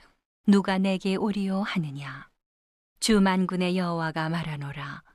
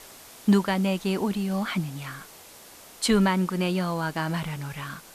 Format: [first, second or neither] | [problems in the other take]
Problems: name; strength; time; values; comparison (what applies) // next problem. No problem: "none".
first | hiss; noticeable; throughout; 20 dB below the speech